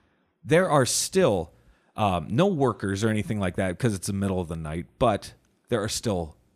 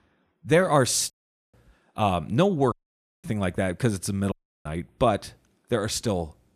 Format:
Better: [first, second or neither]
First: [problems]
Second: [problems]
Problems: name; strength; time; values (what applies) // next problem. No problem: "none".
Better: first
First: none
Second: audio cutting out; at 1 s, at 2.5 s for 0.5 s and at 4.5 s